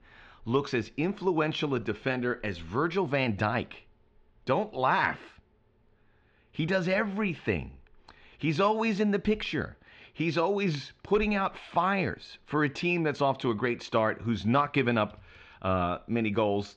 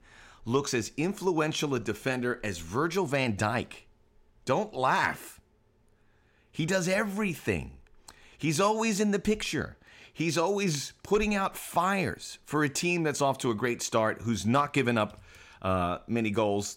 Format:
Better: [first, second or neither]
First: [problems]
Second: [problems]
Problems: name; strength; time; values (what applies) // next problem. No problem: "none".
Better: second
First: muffled; slightly; fading above 4 kHz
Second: none